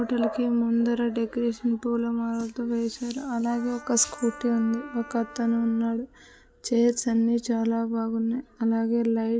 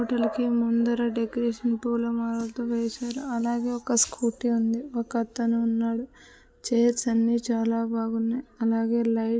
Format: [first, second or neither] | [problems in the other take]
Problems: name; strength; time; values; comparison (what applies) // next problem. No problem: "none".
second | background sound (Wind instrument, woodwind instrument); 19 dB below the speech